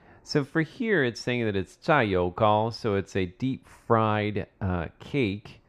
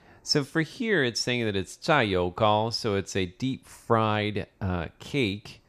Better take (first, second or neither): second